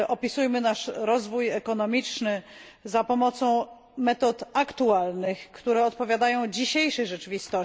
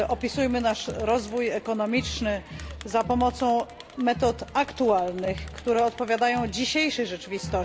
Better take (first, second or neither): first